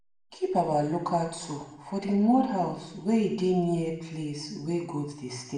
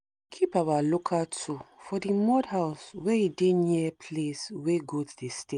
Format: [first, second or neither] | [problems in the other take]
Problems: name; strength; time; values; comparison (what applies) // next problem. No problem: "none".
second | room echo; dies away in 0.7 s